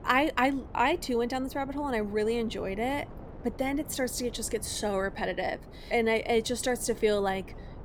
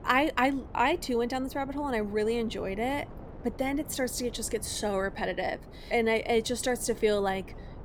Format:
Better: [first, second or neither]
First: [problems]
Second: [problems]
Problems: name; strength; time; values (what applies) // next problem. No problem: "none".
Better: neither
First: wind noise on the microphone; occasional gusts; 20 dB below the speech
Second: wind noise on the microphone; occasional gusts; 20 dB below the speech